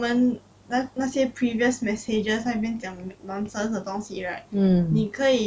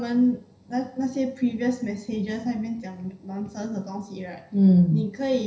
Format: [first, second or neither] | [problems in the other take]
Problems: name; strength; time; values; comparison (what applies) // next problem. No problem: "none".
first | room echo; dies away in 0.5 s